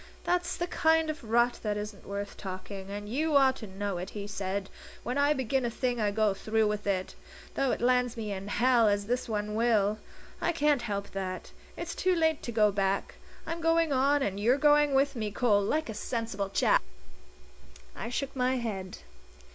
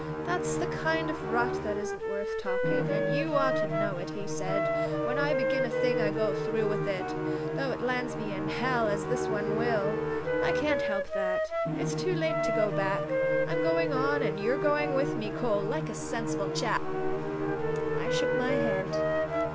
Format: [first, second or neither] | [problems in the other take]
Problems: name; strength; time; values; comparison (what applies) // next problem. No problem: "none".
first | background sound (Musical instrument + Wind instrument, woodwind instrument); 3 dB above the speech